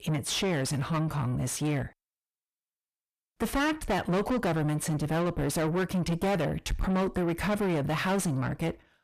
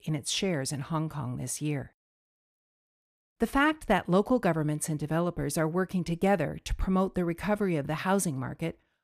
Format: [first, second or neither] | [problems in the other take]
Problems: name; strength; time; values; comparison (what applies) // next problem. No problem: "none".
second | distortion; heavy; 5 dB below the speech